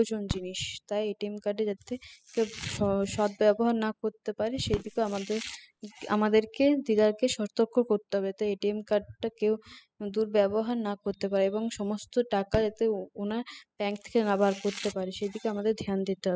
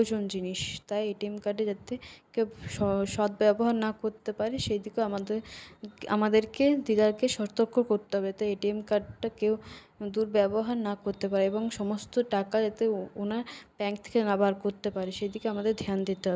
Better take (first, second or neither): second